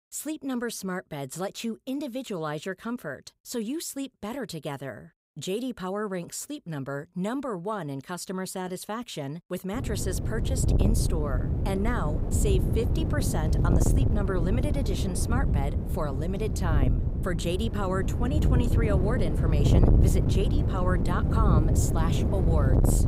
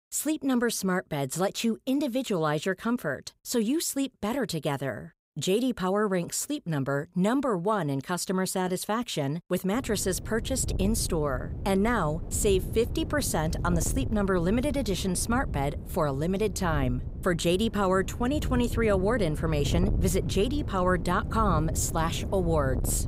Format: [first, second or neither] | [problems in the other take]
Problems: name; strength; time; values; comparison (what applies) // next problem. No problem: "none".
second | wind noise on the microphone; heavy; from 10 s on; 2 dB below the speech; occasional gusts in the second